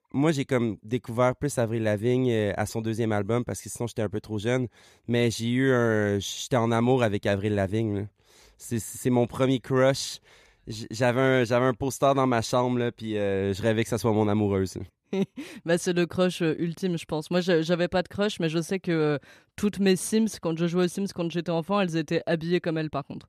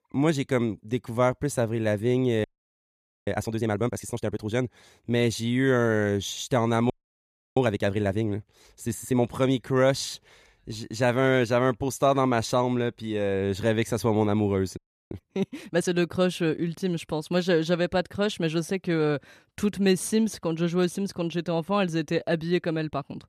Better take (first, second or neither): first